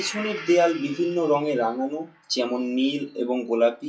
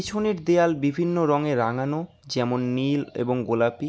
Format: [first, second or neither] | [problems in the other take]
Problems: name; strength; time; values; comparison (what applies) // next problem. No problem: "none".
second | noise reduction (classical method WPE with log-MMSE)